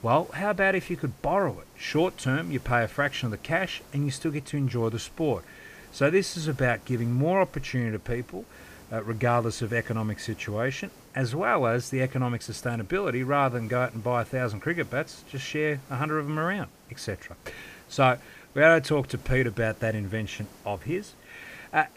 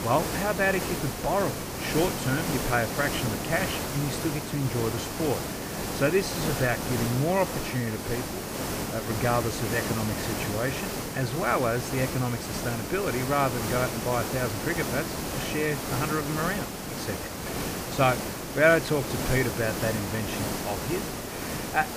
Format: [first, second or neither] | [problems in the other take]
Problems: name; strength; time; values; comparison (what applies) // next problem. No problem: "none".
first | hiss; loud; throughout; 3 dB below the speech; faint in the first